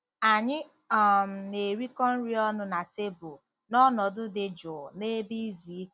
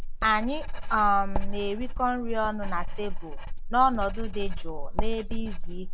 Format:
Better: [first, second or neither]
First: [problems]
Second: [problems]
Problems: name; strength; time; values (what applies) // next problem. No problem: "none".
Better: first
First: none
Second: background sound (Writing); 2 dB above the speech